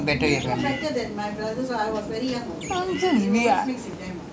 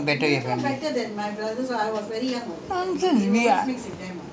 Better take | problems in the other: second | background sound (Thunder / Rain + Bird); 10 dB below the speech

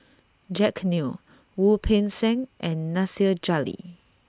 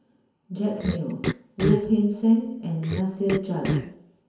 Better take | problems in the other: first | background sound (Cough); 5 dB below the speech // room echo; dies away in 0.9 s

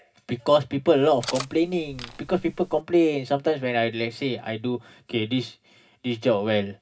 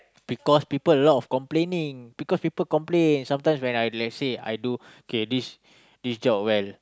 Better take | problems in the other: second | background sound (Cutlery, silverware); 15 dB below the speech // room echo; dies away in 0.4 s

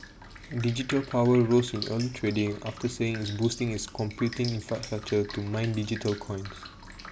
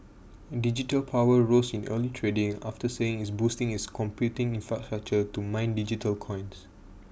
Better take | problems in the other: second | background sound (Drip); 15 dB below the speech

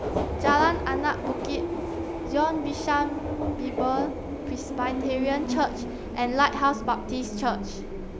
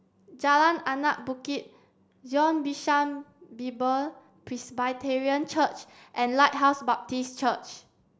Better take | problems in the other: second | background sound (Subway, metro, underground); 2 dB below the speech

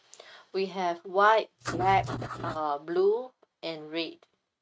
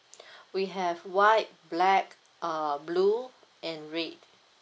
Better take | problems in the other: second | noise reduction (neural mask model RNNoise)

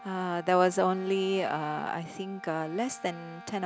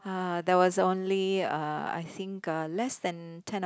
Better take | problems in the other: second | background sound (Bowed string instrument + Wind instrument, woodwind instrument); 17 dB below the speech

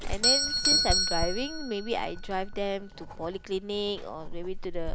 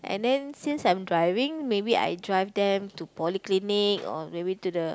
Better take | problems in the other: second | background sound (Doorbell + Writing); 3 dB above the speech

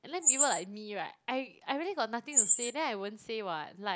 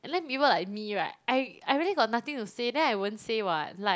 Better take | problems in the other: second | background sound (Chirp, tweet); 3 dB above the speech

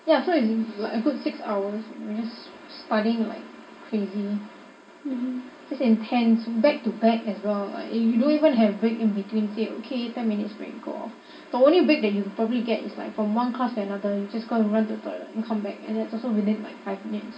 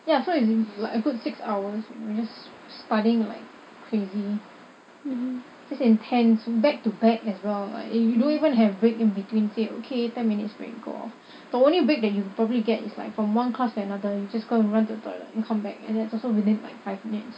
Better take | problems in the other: second | room echo; dies away in 0.6 s

